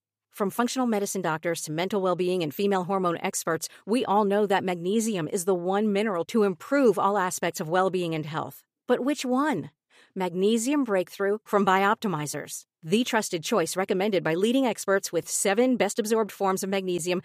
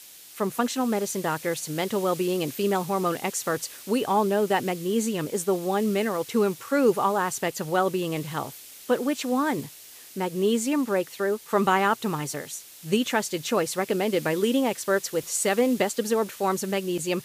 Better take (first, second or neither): first